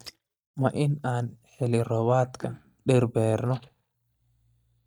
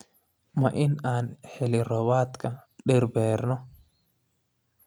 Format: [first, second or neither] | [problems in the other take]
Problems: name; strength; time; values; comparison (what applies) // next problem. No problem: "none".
second | noise reduction (neural mask model DeepFilterNet 3)